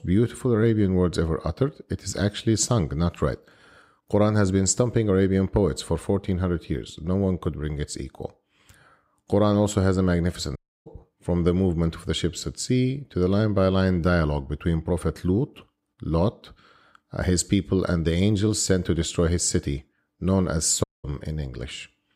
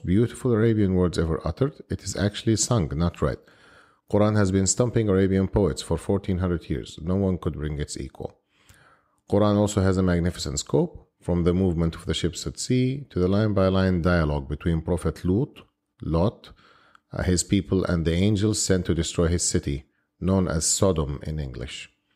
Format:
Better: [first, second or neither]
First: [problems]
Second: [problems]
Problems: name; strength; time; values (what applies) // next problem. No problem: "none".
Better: second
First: audio cutting out; at 11 s and at 21 s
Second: none